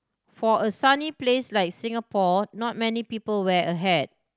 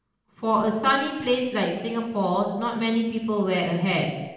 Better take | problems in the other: first | room echo; dies away in 0.9 s

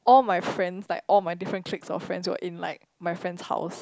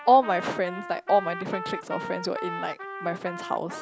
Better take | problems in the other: first | background sound (Trumpet); 10 dB below the speech

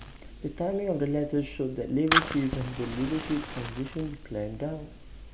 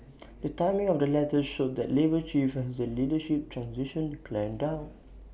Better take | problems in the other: second | background sound (Fire); 5 dB below the speech // room echo; dies away in 1.3 s

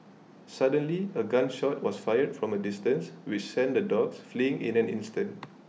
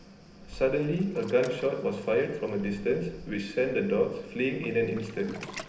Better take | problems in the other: first | background sound (Waves, surf); 18 dB below the speech // room echo; dies away in 0.9 s

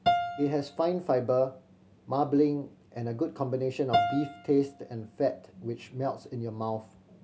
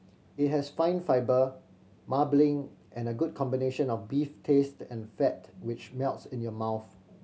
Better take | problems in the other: second | background sound (Piano); 5 dB below the speech

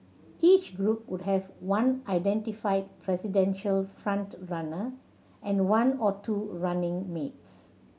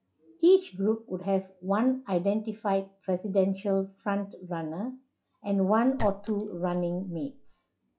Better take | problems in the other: first | noise reduction (classical method log-MMSE)

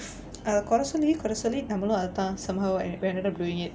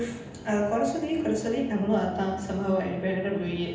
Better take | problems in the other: first | room echo; dies away in 0.9 s

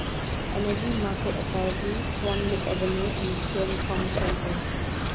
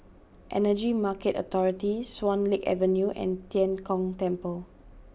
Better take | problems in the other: second | background sound (Chirp, tweet); 3 dB above the speech

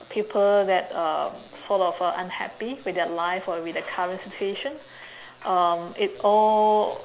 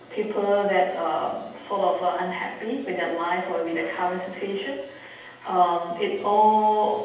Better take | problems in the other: first | room echo; dies away in 0.9 s

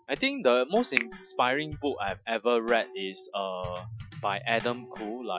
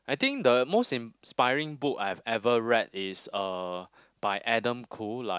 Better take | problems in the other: second | noise reduction (classical method Wiener filter)

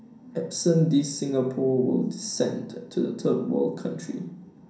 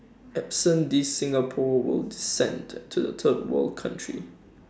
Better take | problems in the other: second | room echo; dies away in 0.6 s

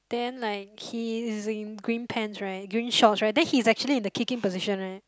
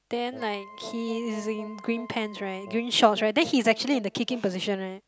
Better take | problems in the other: first | background sound (Brass instrument + Wind instrument, woodwind instrument); 17 dB below the speech

